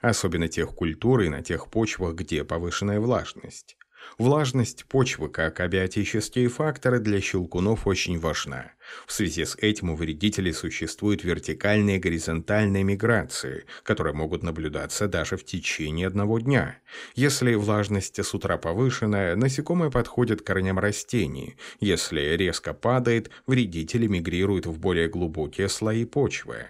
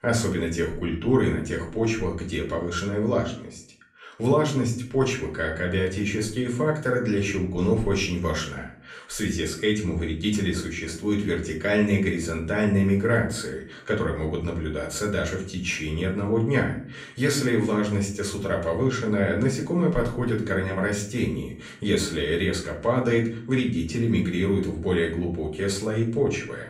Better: first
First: none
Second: off-mic speech; far // room echo; slight; dies away in 0.4 s

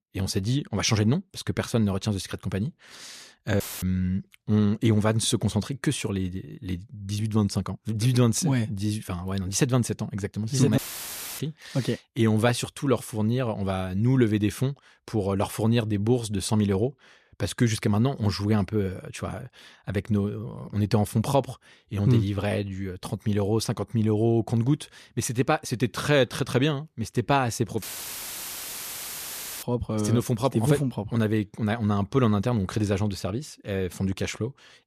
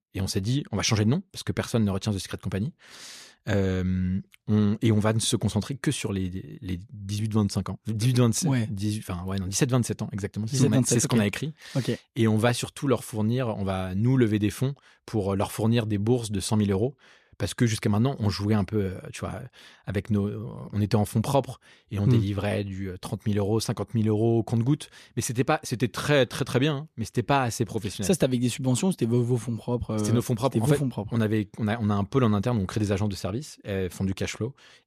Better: second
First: audio cutting out; filled with static; at 3.5 s, at 11 s for 0.5 s and at 28 s for 2 s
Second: none

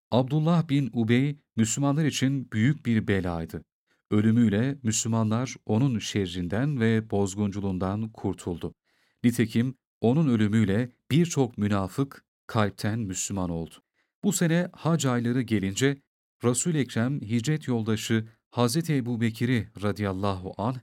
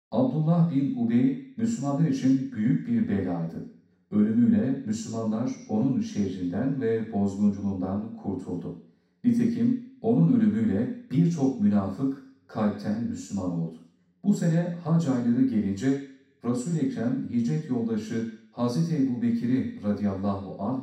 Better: first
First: none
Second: room echo; noticeable; dies away in 0.6 s // off-mic speech; far

